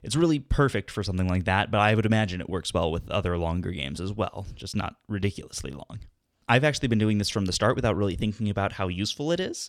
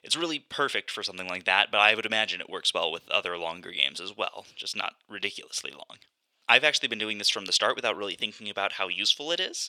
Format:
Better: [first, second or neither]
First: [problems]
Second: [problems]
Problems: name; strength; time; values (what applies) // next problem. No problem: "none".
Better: first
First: none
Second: thin; very; fading below 550 Hz